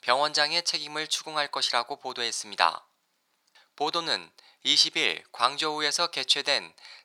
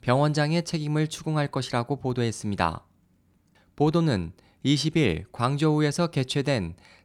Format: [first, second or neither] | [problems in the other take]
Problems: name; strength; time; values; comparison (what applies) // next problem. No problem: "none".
second | thin; very; fading below 900 Hz